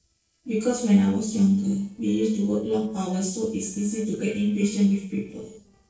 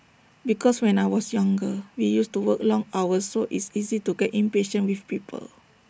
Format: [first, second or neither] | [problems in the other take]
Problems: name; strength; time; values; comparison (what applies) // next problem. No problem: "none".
second | noise reduction (neural separator model SepFormer DNS4)